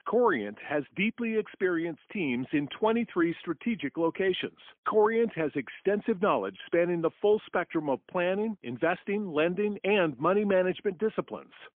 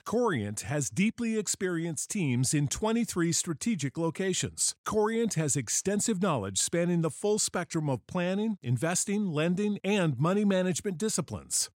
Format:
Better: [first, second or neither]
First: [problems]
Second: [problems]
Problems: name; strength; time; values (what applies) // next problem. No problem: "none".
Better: second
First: phone-call audio; poor line; nothing above 3.5 kHz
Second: none